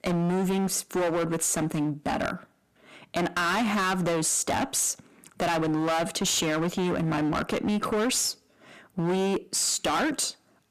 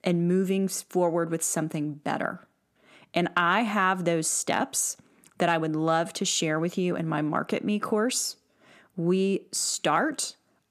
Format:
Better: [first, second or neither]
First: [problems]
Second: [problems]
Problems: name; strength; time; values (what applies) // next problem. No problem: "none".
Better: second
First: distortion; heavy; 24% of the sound clipped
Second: none